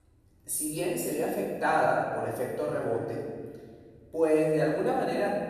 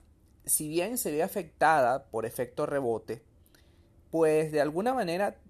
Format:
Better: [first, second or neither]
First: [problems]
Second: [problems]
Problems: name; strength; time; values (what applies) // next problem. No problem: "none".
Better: second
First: room echo; strong; dies away in 1.8 s // off-mic speech; far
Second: none